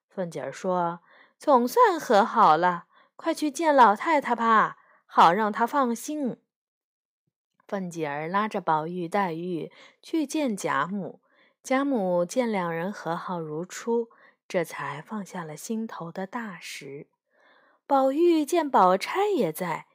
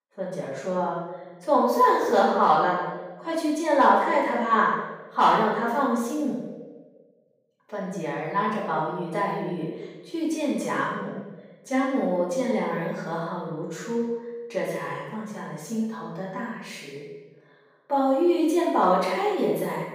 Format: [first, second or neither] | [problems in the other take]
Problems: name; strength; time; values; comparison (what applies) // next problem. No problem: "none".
first | off-mic speech; far // room echo; noticeable; dies away in 1 s